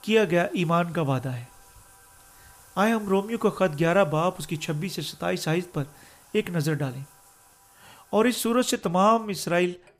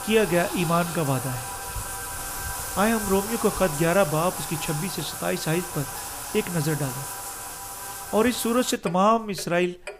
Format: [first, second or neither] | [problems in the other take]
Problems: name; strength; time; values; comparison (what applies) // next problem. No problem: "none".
first | household noises; loud; throughout; 7 dB below the speech; faint in the first